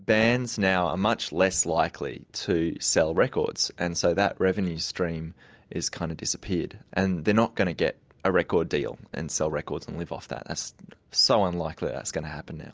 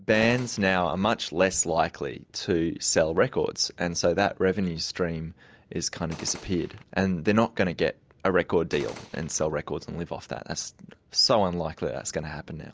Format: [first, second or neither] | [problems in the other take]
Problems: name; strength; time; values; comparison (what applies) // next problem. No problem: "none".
first | background sound (Gunshot, gunfire); 18 dB below the speech